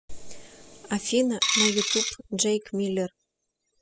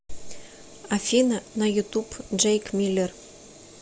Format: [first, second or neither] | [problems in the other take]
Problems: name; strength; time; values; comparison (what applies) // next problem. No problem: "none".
second | noise reduction (classical method spectral subtraction)